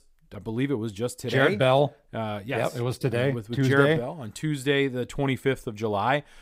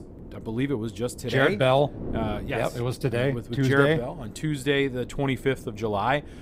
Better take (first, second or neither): first